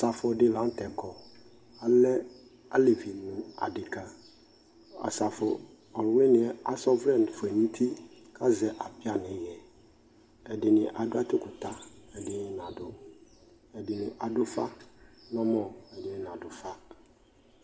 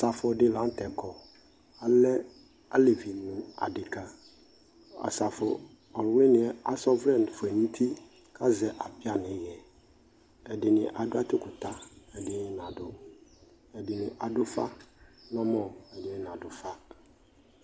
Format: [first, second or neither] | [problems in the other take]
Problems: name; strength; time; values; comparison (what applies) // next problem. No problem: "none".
second | room echo; dies away in 1.6 s